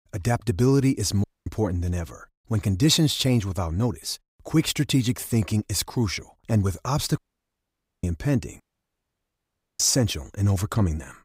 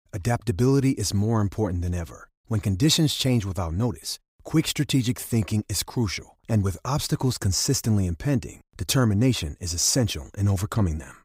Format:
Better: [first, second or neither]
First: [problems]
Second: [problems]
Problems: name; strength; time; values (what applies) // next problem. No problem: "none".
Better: second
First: audio cutting out; at 1 s, at 7 s for 1 s and at 8.5 s for 1 s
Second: none